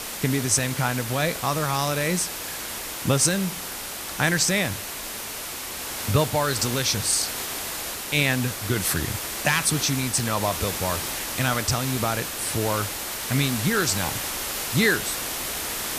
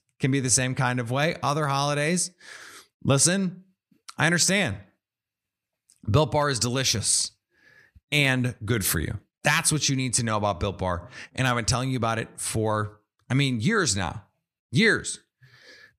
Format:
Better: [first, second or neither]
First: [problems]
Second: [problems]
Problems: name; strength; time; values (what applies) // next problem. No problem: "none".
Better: second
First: hiss; loud; throughout; 5 dB below the speech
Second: none